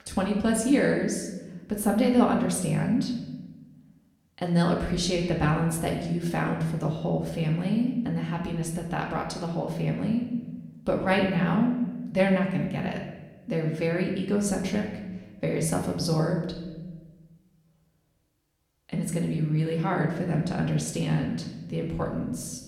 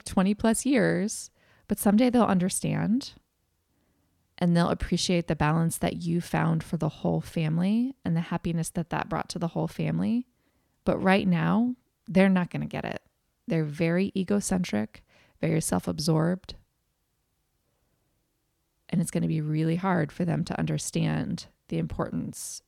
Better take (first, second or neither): second